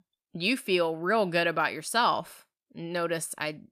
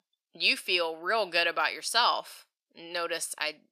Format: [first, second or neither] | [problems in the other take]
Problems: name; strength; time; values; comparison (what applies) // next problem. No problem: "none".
first | thin; somewhat; fading below 500 Hz